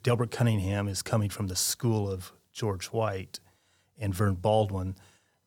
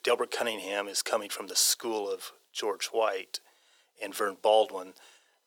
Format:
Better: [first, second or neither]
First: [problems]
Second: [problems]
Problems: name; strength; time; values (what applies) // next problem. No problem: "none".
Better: first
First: none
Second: thin; very; fading below 400 Hz